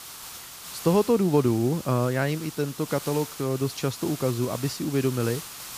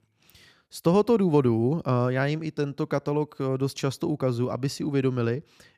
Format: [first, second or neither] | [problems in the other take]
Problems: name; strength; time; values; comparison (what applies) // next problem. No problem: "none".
second | hiss; noticeable; throughout; 10 dB below the speech